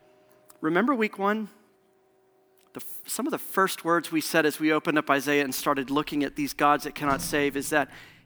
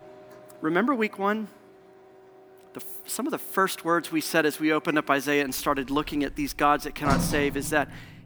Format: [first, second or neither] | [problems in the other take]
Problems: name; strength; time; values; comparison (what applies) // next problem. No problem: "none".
first | household noises; loud; throughout; 10 dB below the speech; faint in the first